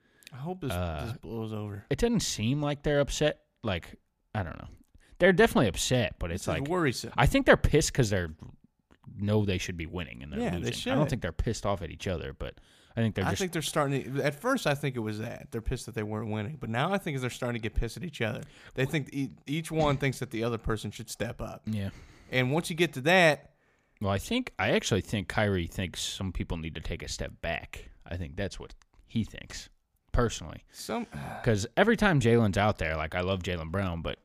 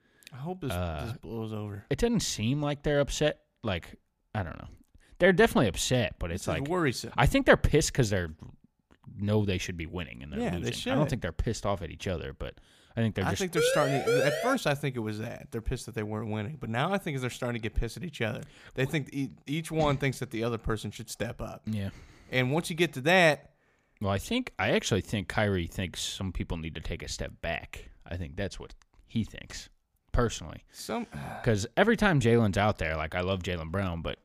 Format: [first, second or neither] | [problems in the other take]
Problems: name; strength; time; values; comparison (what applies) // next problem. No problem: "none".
first | siren; loud; from 14 to 15 s; peak 2 dB above the speech